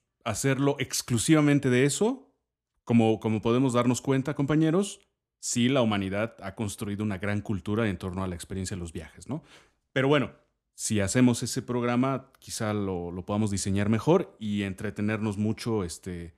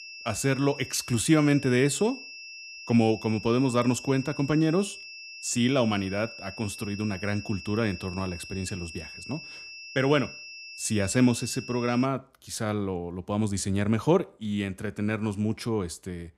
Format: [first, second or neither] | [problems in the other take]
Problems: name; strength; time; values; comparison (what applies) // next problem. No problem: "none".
first | high-pitched whine; noticeable; until 12 s; 2.5 kHz, 15 dB below the speech